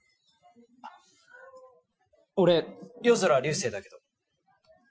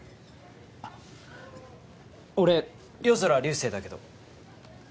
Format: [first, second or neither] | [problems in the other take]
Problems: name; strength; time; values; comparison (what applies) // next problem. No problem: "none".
second | noise reduction (classical method Wiener filter)